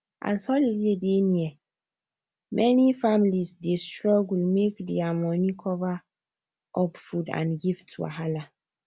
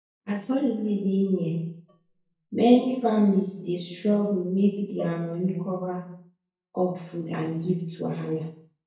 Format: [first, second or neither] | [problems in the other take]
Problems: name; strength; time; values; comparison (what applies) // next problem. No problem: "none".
first | noise reduction (neural mask model DeepFilterNet 3)